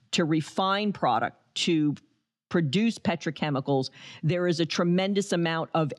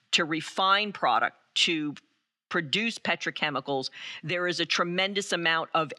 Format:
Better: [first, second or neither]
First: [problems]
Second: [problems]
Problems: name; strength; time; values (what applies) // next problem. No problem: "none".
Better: first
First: none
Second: thin; somewhat; fading below 600 Hz